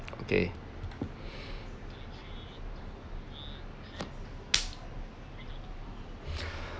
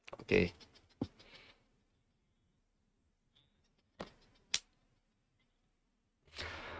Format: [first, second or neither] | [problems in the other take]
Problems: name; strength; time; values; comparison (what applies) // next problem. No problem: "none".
first | noise reduction (neural mask model RNNoise)